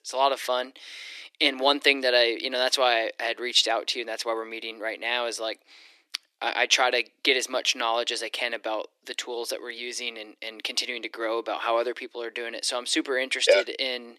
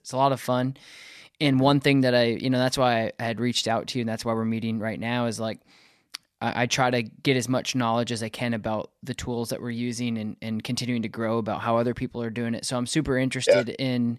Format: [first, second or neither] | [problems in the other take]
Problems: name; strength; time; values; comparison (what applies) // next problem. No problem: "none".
second | thin; very; fading below 300 Hz